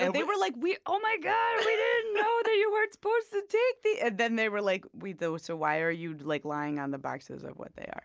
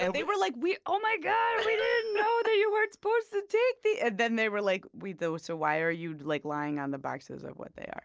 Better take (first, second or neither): first